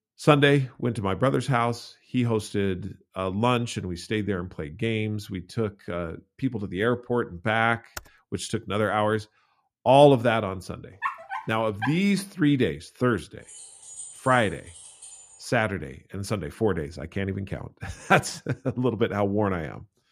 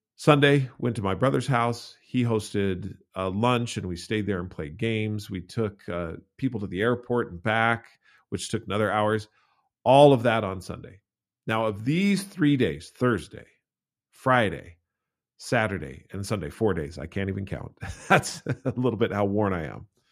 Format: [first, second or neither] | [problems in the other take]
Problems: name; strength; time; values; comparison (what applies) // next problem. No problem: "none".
second | keyboard typing; very faint; at 8 s; peak 15 dB below the speech // dog barking; noticeable; at 11 s; peak 6 dB below the speech // jangling keys; faint; from 13 to 15 s; peak 15 dB below the speech